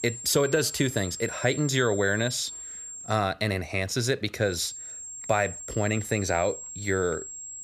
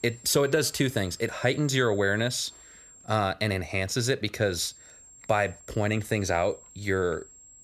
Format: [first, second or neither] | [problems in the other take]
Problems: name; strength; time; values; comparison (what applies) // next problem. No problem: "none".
second | high-pitched whine; loud; until 3 s and from 4.5 s on; 7.5 kHz, 10 dB below the speech; faint in the second